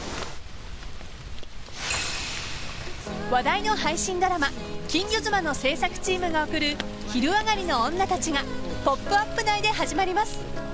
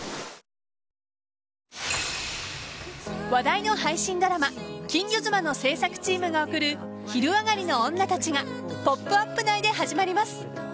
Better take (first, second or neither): second